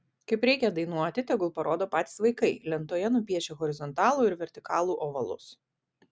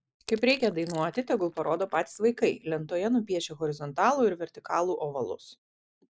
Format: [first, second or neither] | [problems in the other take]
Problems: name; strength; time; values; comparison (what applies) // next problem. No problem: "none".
first | noise reduction (neural mask model Resemble Enhance denoiser)